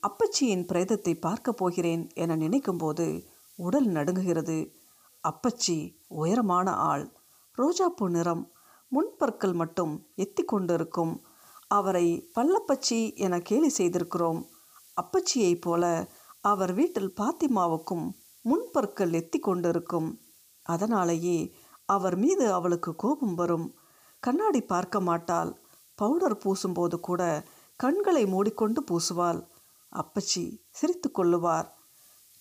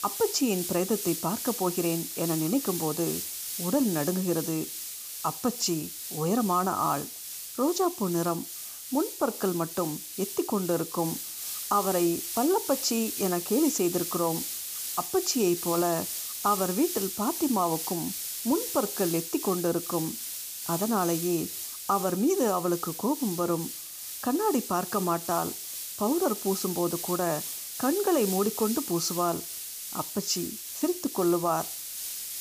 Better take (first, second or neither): first